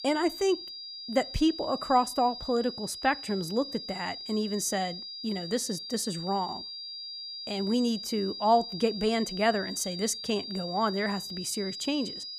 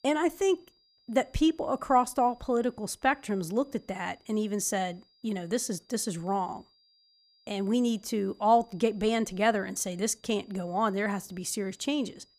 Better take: second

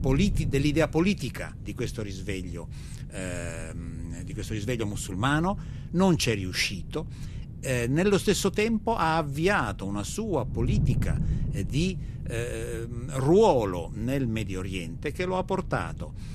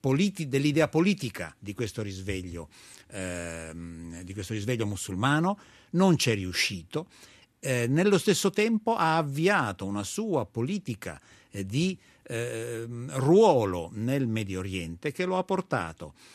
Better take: second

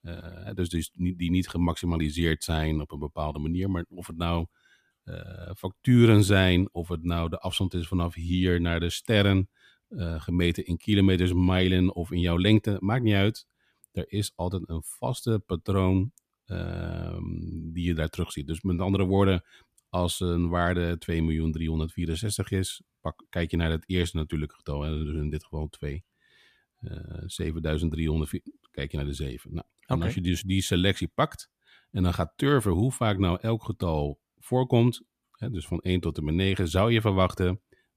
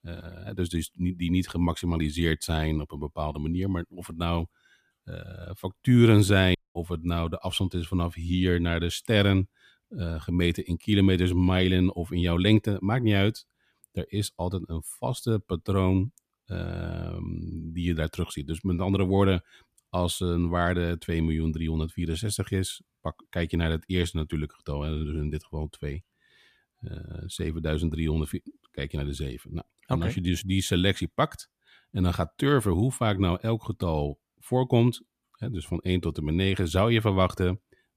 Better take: first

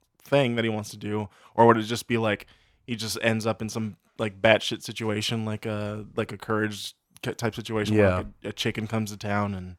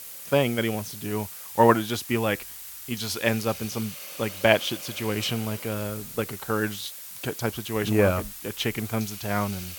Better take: first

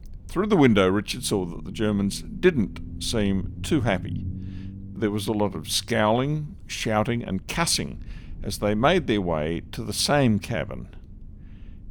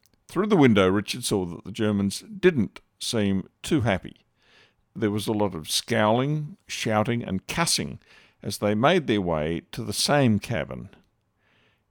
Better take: second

